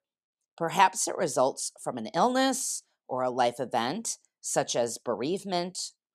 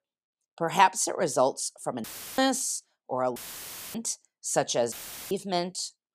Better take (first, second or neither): first